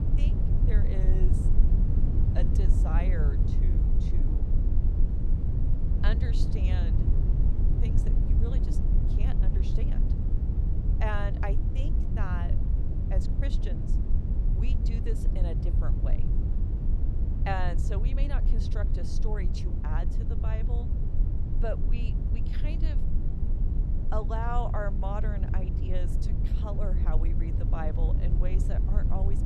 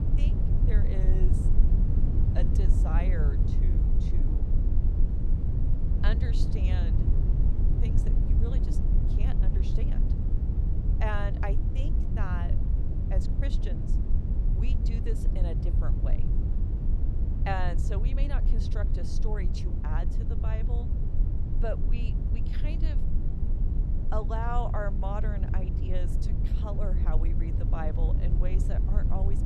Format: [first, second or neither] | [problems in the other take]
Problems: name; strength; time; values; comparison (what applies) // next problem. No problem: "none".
neither | low rumble; loud; throughout; 4 dB below the speech; the same in both